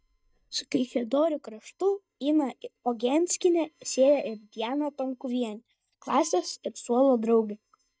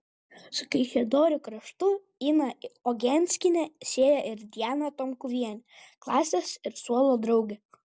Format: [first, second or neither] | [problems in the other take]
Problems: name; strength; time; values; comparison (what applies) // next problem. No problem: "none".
second | noise reduction (neural mask model DeepFilterNet 3)